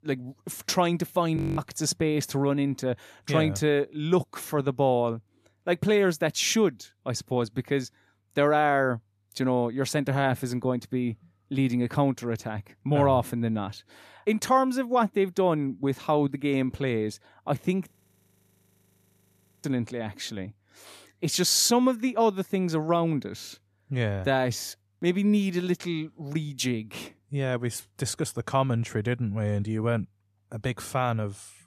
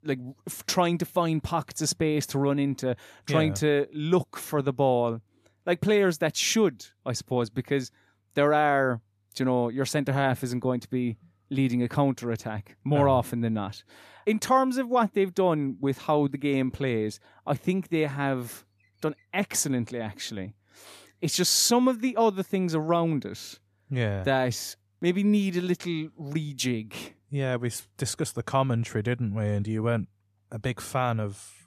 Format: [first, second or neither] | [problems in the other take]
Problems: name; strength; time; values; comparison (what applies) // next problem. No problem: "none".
second | audio freezing; at 1.5 s and at 18 s for 1.5 s